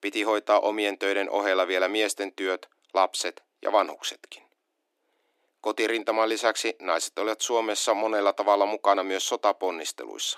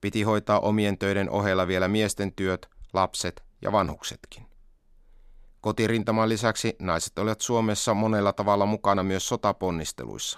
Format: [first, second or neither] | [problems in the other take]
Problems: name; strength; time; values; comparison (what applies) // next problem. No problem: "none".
second | thin; very; fading below 300 Hz